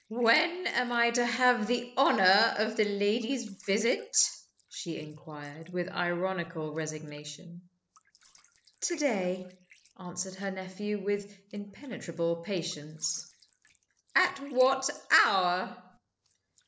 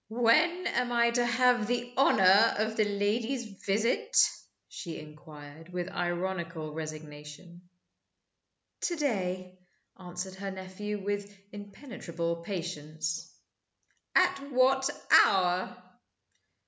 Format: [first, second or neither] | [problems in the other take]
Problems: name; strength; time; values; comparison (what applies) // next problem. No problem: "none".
second | noise reduction (neural separator model SepFormer DNS4)